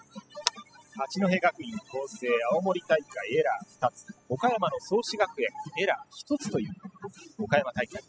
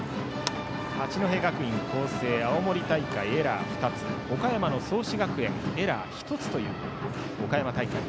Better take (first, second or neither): second